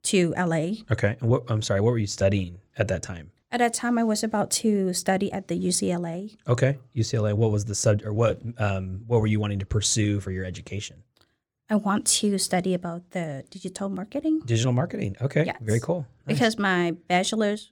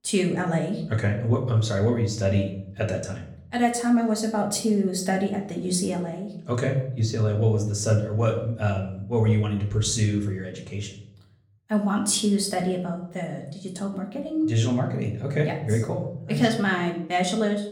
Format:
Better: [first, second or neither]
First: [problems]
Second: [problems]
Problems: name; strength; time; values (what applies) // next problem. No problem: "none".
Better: first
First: none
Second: room echo; slight; dies away in 0.6 s // off-mic speech; far